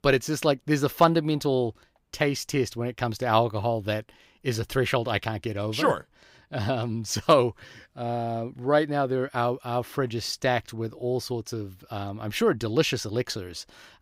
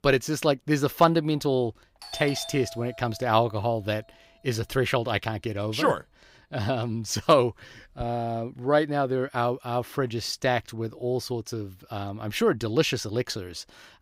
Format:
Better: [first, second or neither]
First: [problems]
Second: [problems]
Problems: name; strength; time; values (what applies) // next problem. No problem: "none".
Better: first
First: none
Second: doorbell; noticeable; from 2 to 8 s; peak 9 dB below the speech